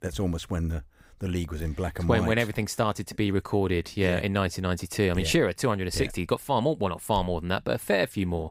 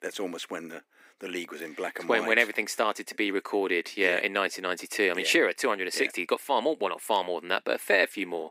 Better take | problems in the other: first | thin; somewhat; fading below 300 Hz

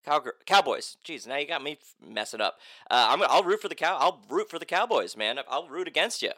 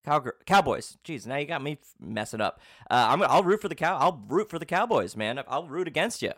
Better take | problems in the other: second | thin; somewhat; fading below 400 Hz

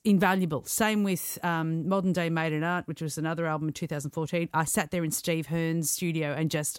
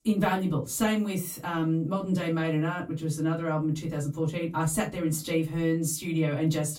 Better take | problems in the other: first | off-mic speech; far // room echo; very slight; dies away in 0.2 s

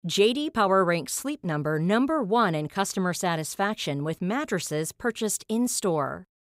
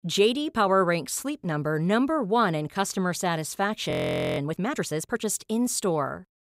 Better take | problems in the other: first | audio freezing; at 4 s

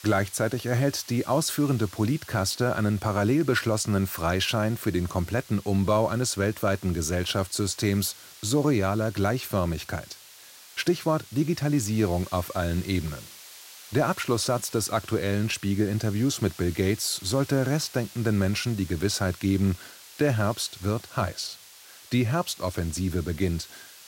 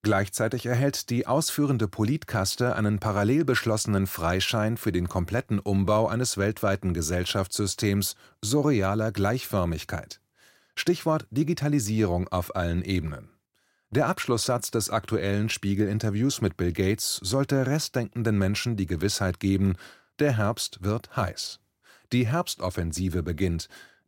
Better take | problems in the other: second | hiss; noticeable; throughout; 20 dB below the speech

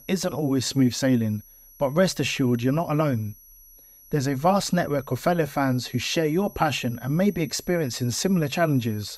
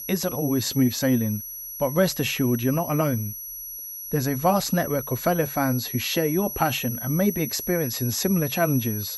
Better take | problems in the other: first | high-pitched whine; loud; throughout; 11.5 kHz, 8 dB below the speech; faint in the first

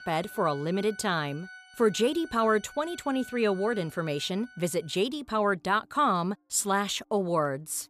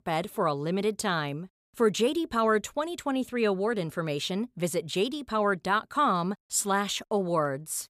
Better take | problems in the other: second | background music; noticeable; throughout; 20 dB below the speech

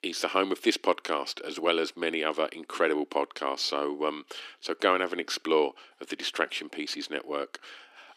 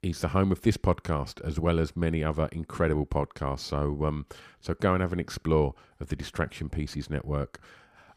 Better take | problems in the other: second | thin; somewhat; fading below 300 Hz

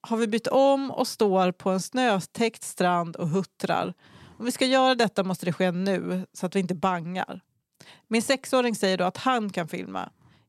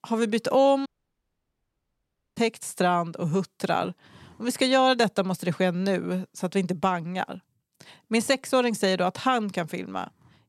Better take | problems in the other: first | audio cutting out; at 1 s for 1.5 s

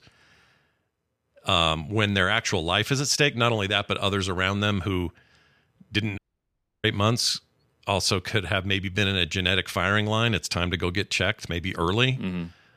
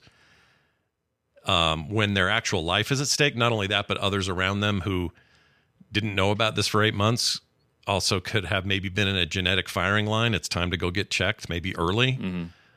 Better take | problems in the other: second | audio cutting out; at 6 s for 0.5 s

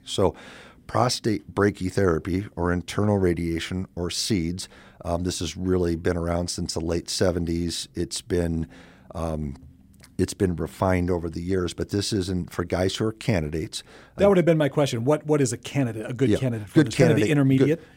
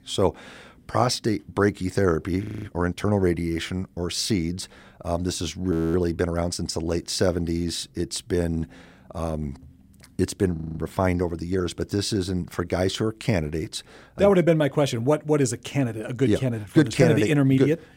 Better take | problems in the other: first | audio freezing; at 2.5 s, at 5.5 s and at 11 s

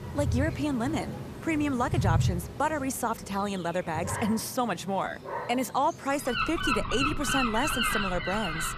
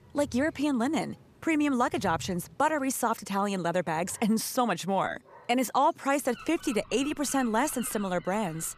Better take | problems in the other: second | animal sounds; loud; throughout; 1 dB below the speech; faint in the second

